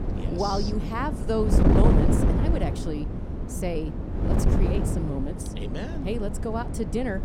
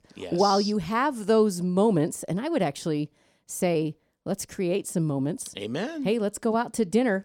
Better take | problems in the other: second | wind noise on the microphone; heavy; 2 dB below the speech

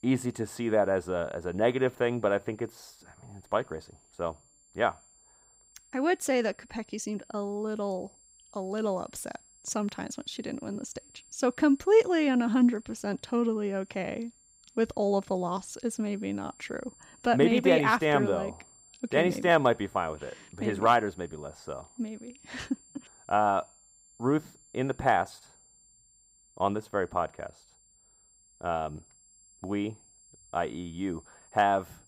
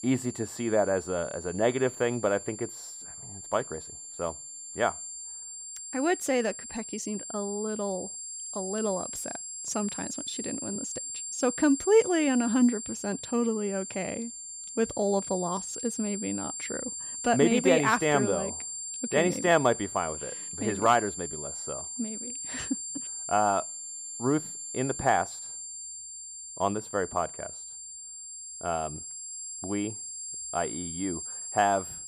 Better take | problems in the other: first | high-pitched whine; loud; throughout; 7.5 kHz, 7 dB below the speech; faint in the first

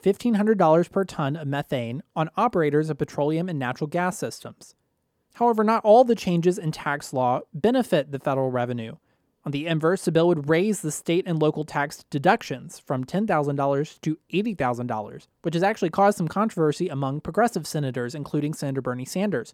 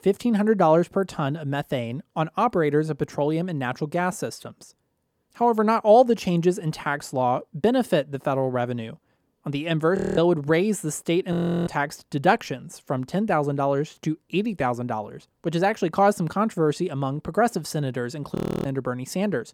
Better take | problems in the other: first | audio freezing; at 10 s, at 11 s and at 18 s

